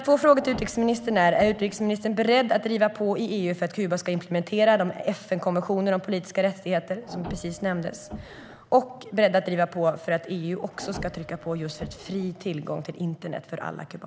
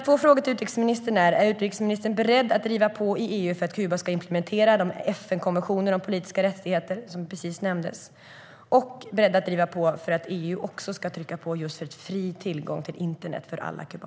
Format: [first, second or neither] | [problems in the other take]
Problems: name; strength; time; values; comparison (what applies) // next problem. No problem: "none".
second | background sound (Printer); 16 dB below the speech